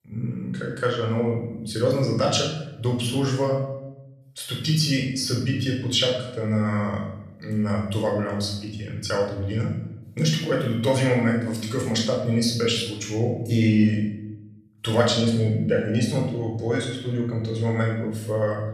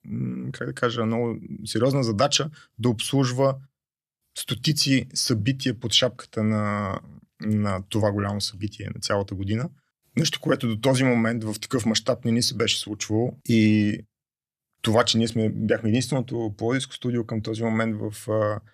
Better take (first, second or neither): second